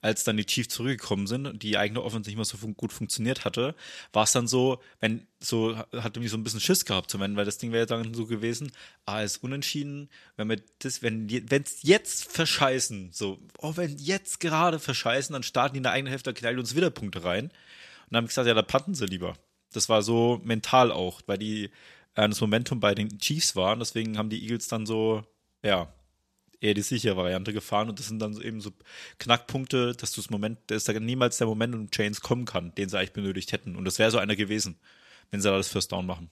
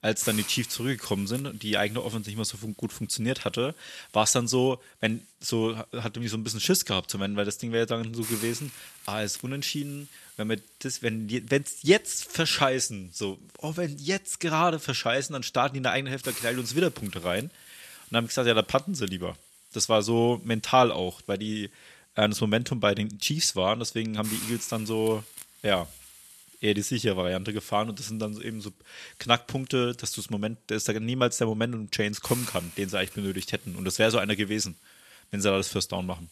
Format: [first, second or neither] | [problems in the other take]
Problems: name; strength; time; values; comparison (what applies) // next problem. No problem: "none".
first | hiss; noticeable; throughout; 15 dB below the speech